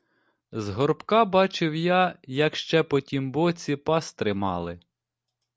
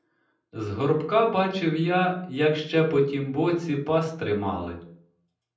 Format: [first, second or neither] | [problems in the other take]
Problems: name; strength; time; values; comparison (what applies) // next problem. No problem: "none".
first | room echo; dies away in 0.6 s